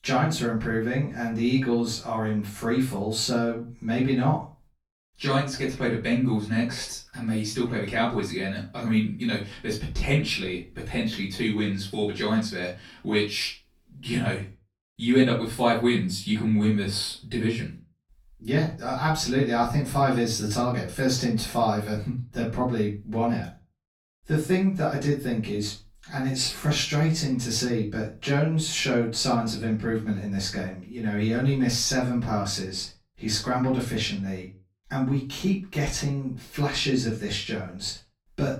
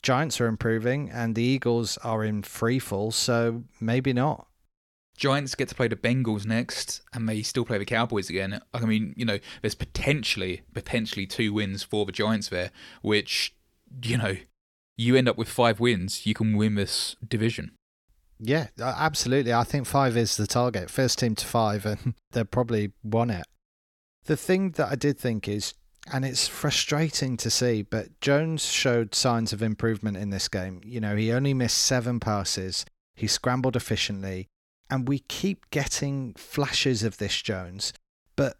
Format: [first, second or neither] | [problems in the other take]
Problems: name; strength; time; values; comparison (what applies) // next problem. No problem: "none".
second | off-mic speech; far // room echo; slight; dies away in 0.3 s